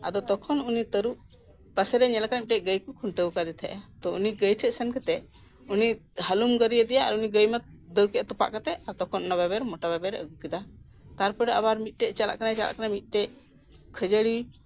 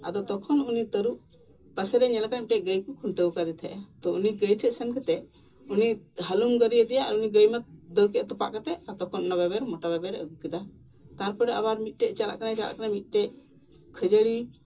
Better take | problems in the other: first | room echo; dies away in 0.2 s

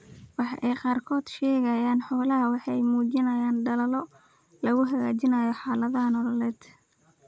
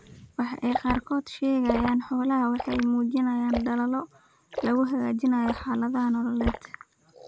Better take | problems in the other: first | background sound (Liquid); 11 dB below the speech

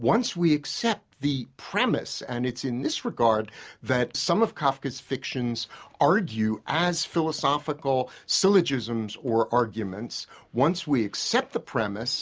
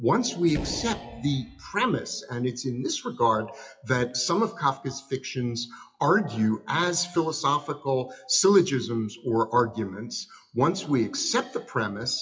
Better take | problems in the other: first | noise reduction (classical method WPE with log-MMSE)

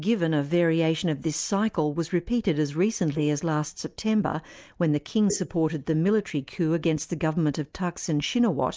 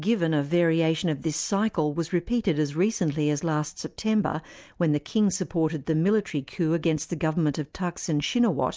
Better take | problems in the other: second | noise reduction (neural mask model Resemble Enhance denoiser)

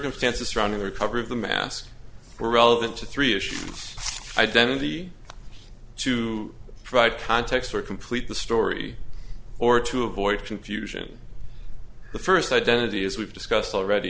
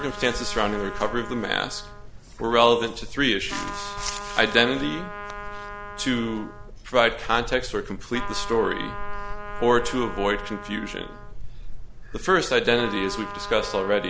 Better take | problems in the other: first | background sound (Trumpet); 13 dB below the speech

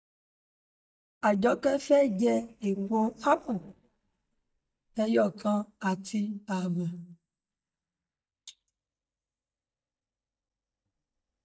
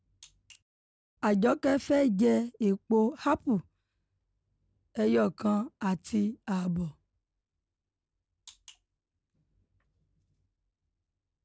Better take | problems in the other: second | noise reduction (neural mask model DeepFilterNet 3)

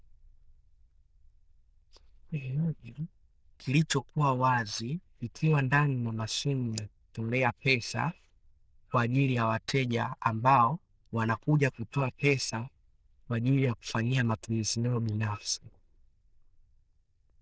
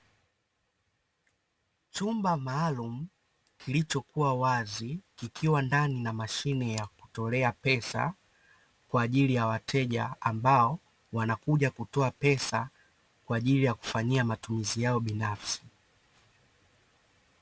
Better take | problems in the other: second | noise reduction (neural diffusion model UNIVERSE++)

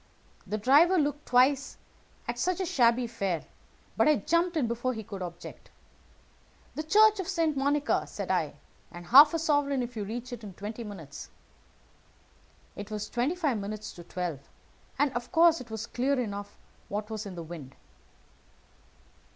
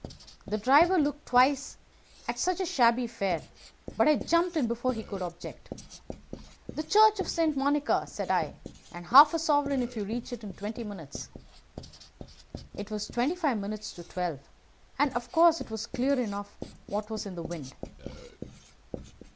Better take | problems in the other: first | background sound (Writing + Burping, eructation); 17 dB below the speech

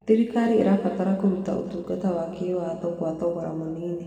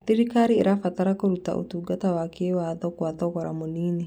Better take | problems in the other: second | room echo; dies away in 2.1 s

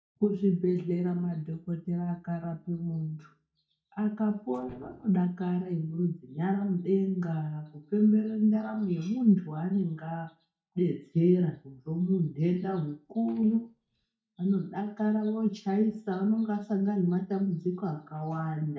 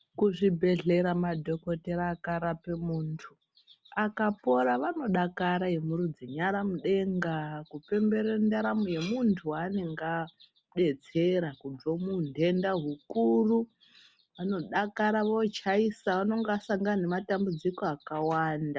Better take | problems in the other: second | noise reduction (neural mask model DeepFilterNet 3)

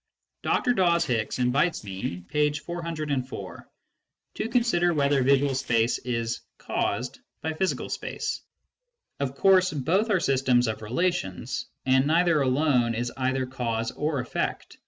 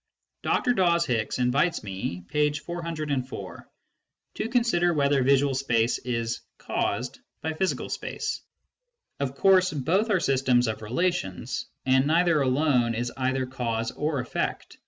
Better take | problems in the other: second | noise reduction (neural separator model SepFormer DNS4)

